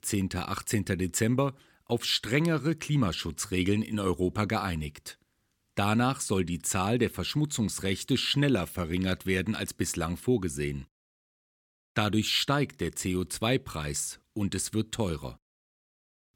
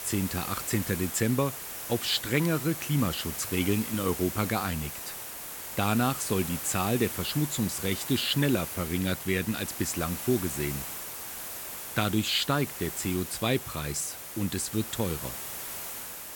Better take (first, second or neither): first